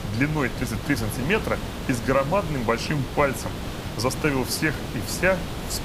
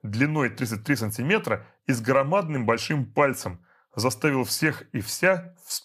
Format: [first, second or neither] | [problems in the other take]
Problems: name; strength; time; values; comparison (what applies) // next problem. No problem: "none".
second | hiss; loud; throughout; 7 dB below the speech